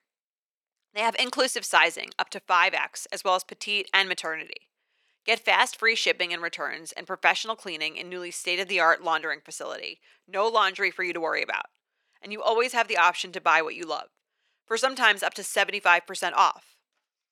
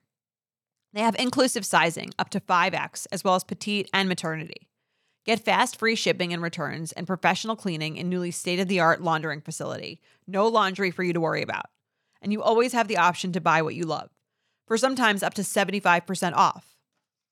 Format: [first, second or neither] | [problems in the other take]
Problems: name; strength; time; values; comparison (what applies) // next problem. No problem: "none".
second | thin; very; fading below 350 Hz